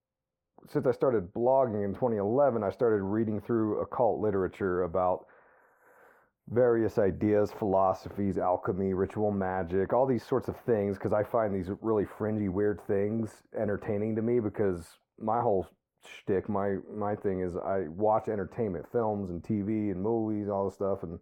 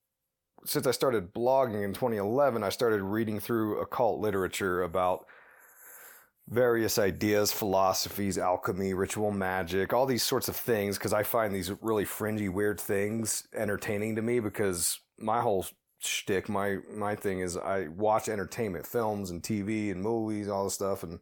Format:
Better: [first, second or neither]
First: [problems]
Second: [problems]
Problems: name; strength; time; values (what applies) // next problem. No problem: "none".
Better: second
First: muffled; very; fading above 2.5 kHz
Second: none